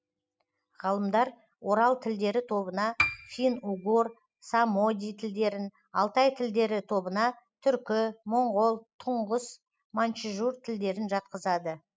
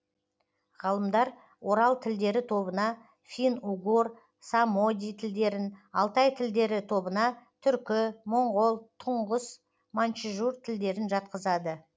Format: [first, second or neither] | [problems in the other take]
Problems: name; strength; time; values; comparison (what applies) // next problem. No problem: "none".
second | noise reduction (classical method spectral subtraction)